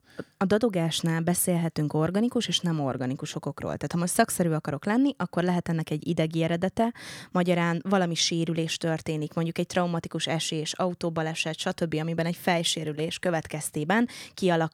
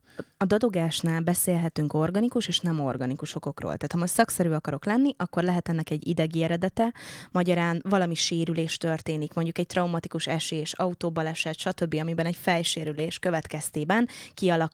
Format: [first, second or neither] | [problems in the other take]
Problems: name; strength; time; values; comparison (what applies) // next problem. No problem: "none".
first | garbled, watery; slightly